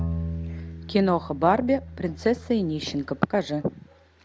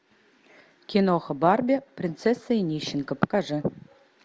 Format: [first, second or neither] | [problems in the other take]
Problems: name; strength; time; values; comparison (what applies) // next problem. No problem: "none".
second | background sound (Bowed string instrument); 10 dB below the speech